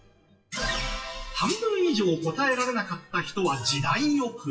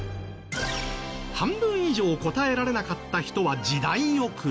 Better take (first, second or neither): second